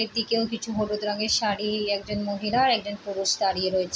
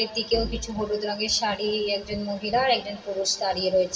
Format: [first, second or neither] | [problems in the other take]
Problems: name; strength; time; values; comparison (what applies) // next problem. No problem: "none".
first | background sound (Musical instrument); 15 dB below the speech // room echo; dies away in 2.3 s